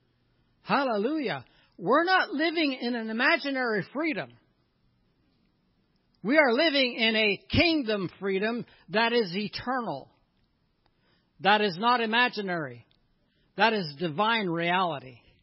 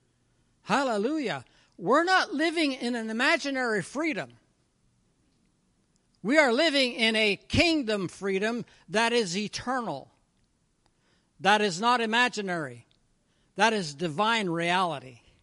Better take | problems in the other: second | garbled, watery; badly; nothing above 5.5 kHz; slightly in the second

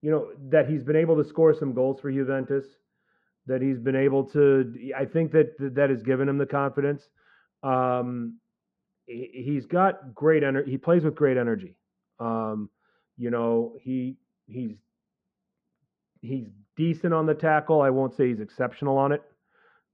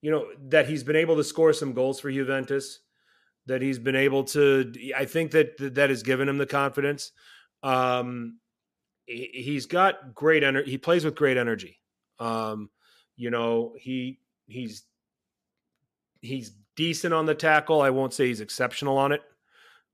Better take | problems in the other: second | muffled; very; fading above 1 kHz

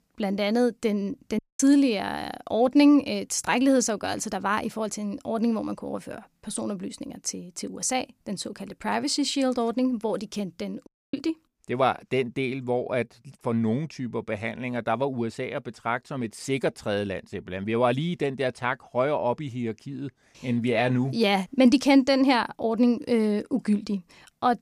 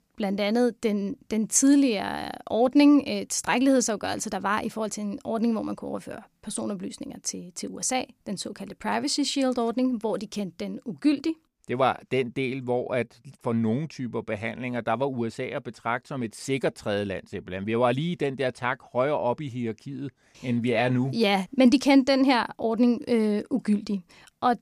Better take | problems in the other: second | audio cutting out; at 1.5 s and at 11 s

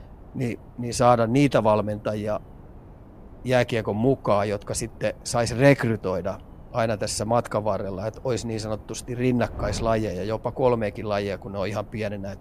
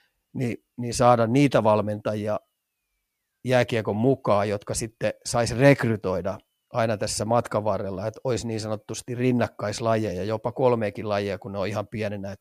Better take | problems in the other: second | wind noise on the microphone; occasional gusts; 25 dB below the speech

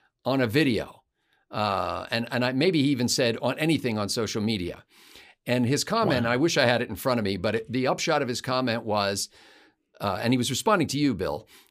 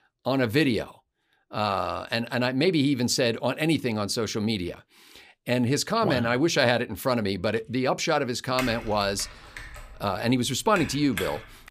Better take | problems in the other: first | keyboard typing; noticeable; from 8.5 s on; peak 8 dB below the speech

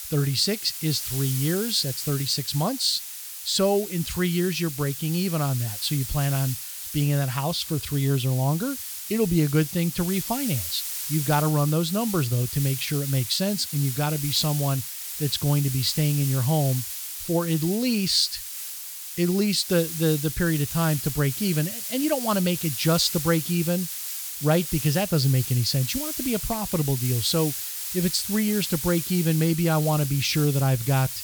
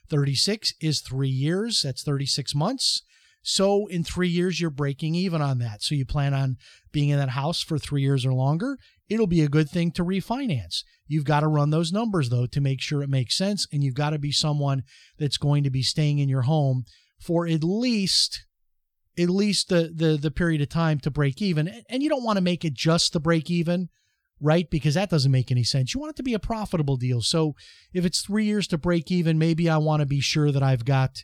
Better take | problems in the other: second | hiss; loud; throughout; 6 dB below the speech

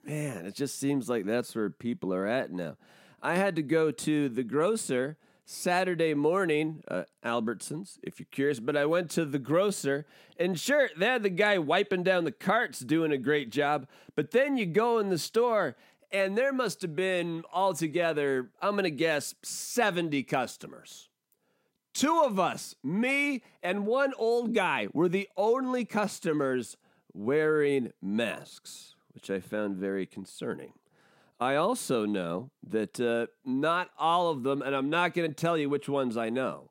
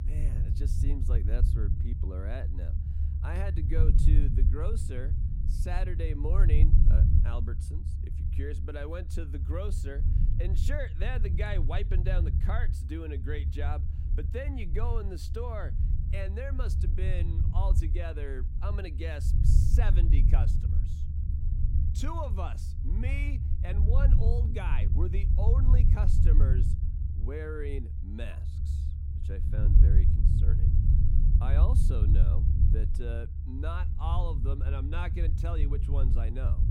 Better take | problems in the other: first | low rumble; loud; throughout; 4 dB below the speech

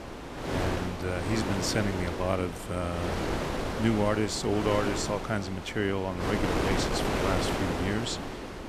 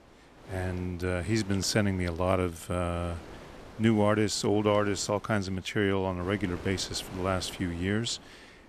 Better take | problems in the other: second | wind noise on the microphone; heavy; 1 dB below the speech; occasional gusts in the second

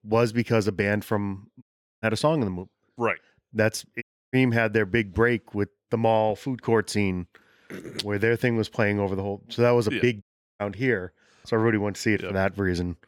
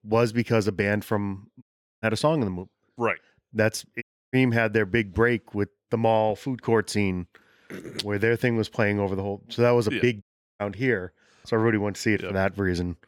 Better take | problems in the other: neither | audio cutting out; at 1.5 s, at 4 s and at 10 s; the same in both

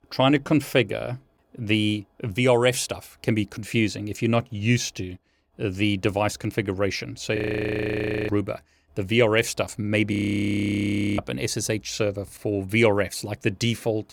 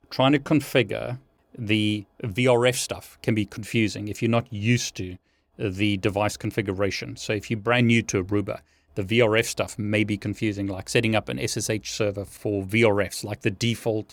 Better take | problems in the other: second | audio freezing; at 7.5 s for 1 s and at 10 s for 1 s

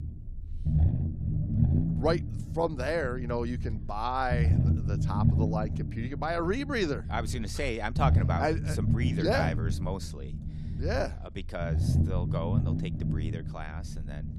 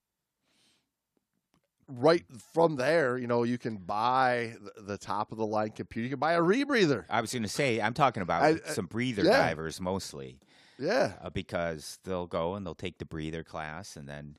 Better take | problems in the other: second | low rumble; loud; throughout; 9 dB below the speech

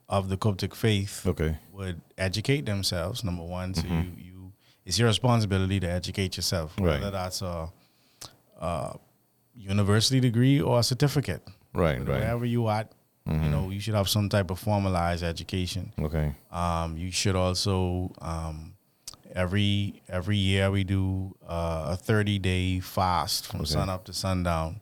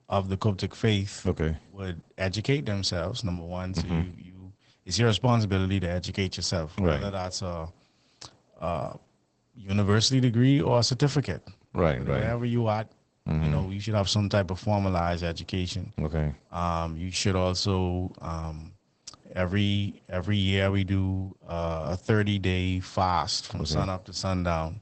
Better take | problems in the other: first | garbled, watery; badly; nothing above 8 kHz

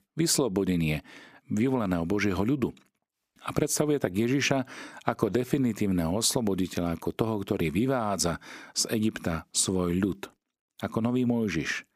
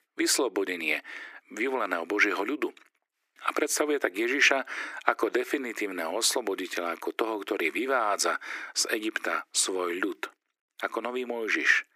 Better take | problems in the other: first | thin; very; fading below 300 Hz

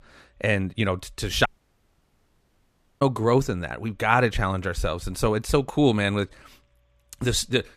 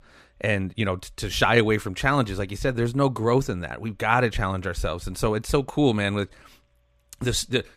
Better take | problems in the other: second | audio cutting out; at 1.5 s for 1.5 s

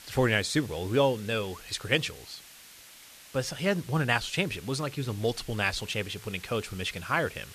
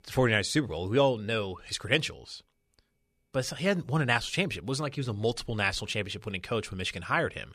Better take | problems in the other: second | hiss; noticeable; throughout; 20 dB below the speech

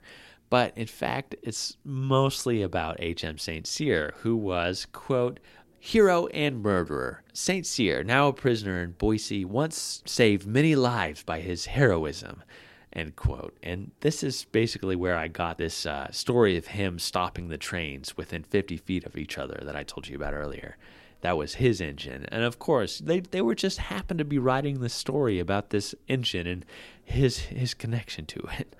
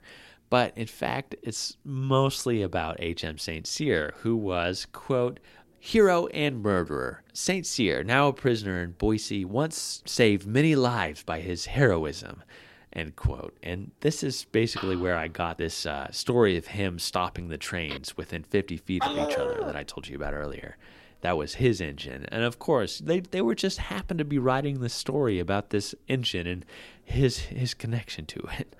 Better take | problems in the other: first | phone ringing; noticeable; from 15 to 18 s; peak 10 dB below the speech // dog barking; loud; at 19 s; peak level with the speech

